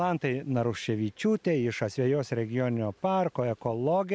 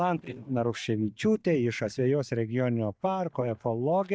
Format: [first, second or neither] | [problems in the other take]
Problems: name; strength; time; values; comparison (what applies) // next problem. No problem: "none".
first | noise reduction (neural mask model DeepFilterNet 3)